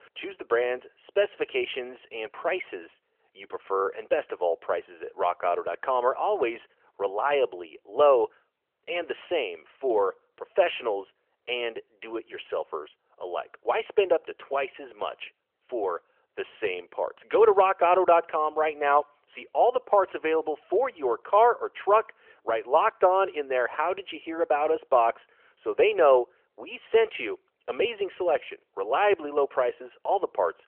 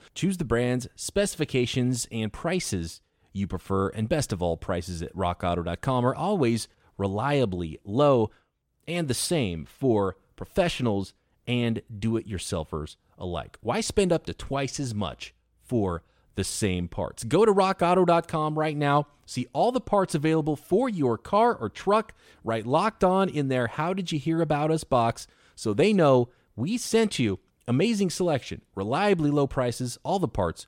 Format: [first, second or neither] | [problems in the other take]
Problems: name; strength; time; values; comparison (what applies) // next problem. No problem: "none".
second | phone-call audio; nothing above 3 kHz